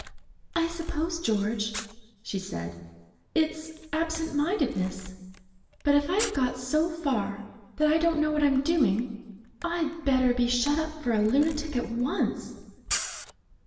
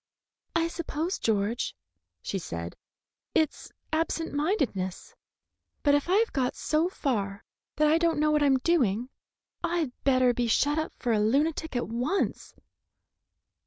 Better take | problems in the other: second | background sound (Camera); 15 dB below the speech // room echo; dies away in 1.1 s

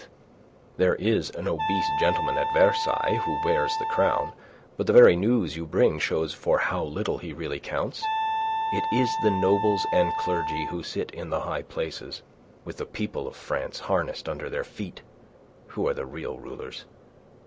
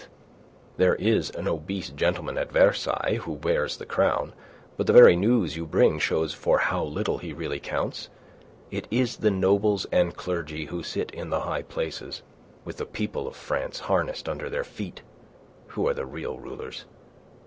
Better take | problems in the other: second | background sound (Wind instrument, woodwind instrument); 2 dB below the speech

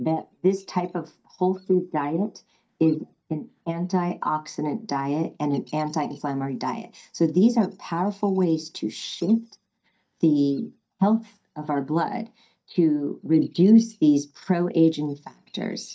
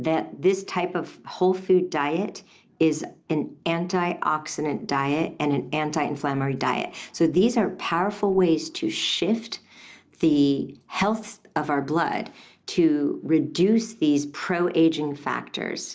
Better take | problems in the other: second | noise reduction (neural mask model DeepFilterNet 3)

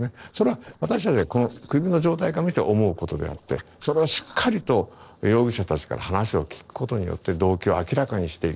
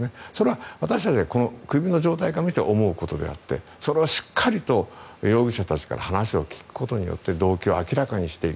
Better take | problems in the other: second | noise reduction (neural separator model SepFormer DNS4)

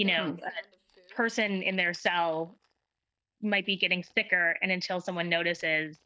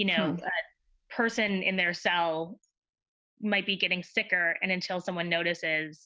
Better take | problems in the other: second | noise reduction (neural mask model DeepFilterNet 3)

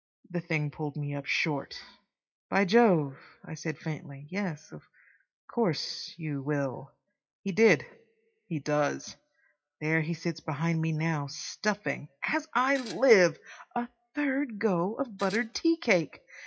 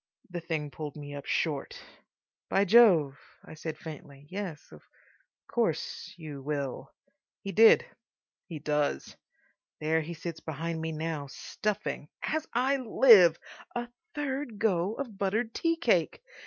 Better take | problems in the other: second | noise reduction (classical method WPE with log-MMSE)

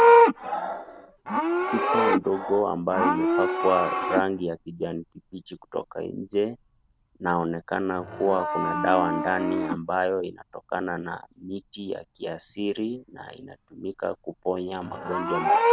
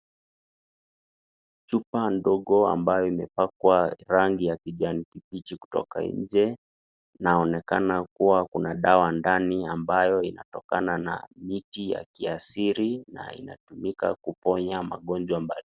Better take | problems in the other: second | background sound (Livestock, farm animals, working animals); 2 dB above the speech

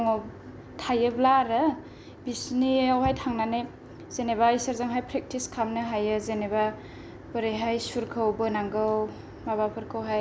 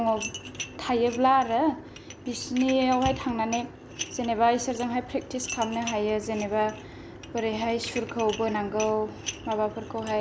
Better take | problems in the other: first | background sound (Dishes, pots, and pans); 15 dB below the speech

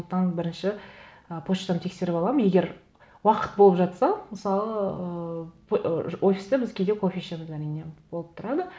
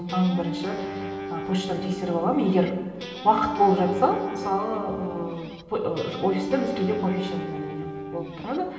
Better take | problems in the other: first | background sound (Guitar); 9 dB below the speech // room echo; dies away in 2.4 s

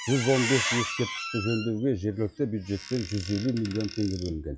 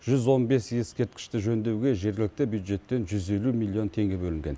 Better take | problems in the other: second | noise reduction (classical method log-MMSE)

